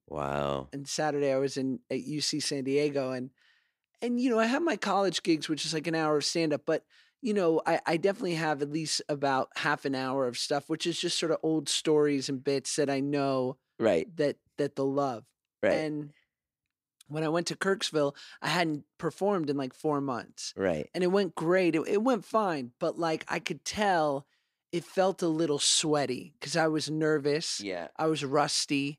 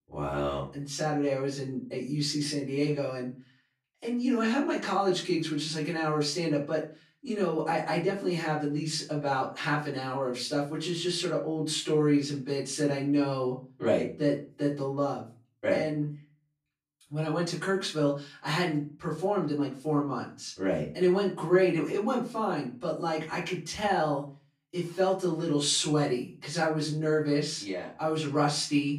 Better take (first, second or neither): first